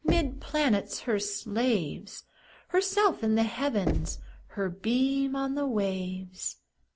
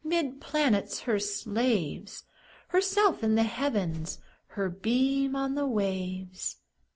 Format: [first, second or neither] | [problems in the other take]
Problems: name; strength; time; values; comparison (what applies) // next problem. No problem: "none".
second | background sound (Knock); 7 dB below the speech